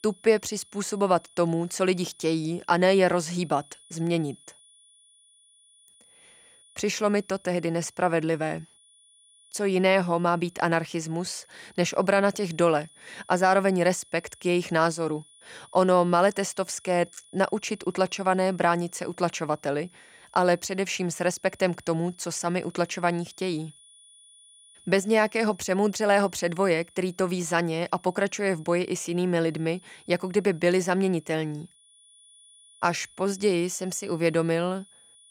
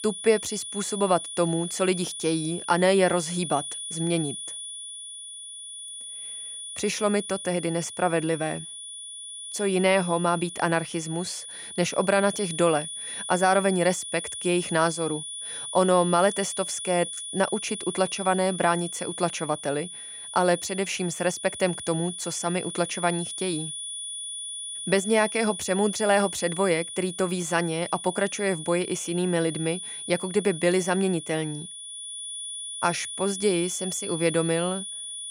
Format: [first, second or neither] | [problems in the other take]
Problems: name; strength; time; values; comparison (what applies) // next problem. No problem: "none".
first | high-pitched whine; loud; throughout; 9.5 kHz, 8 dB below the speech; faint in the first